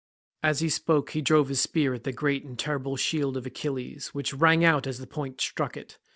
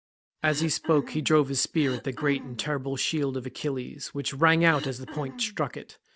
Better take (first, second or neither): first